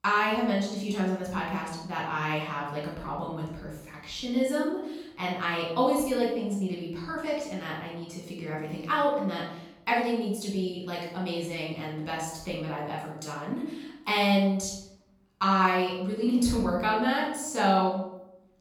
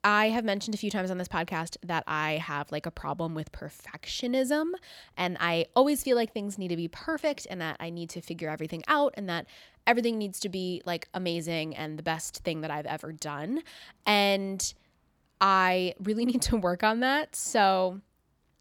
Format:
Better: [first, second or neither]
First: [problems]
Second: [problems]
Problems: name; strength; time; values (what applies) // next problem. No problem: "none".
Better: second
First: off-mic speech; far // room echo; noticeable; dies away in 0.6 s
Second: none